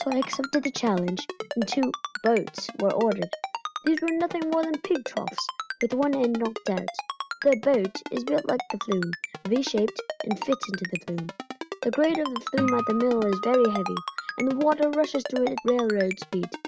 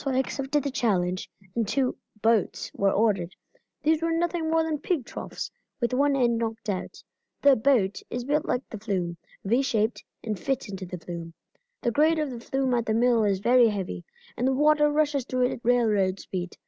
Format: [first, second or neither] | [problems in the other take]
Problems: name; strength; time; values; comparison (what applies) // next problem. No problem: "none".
second | background sound (Acoustic guitar + Ringtone); 8 dB below the speech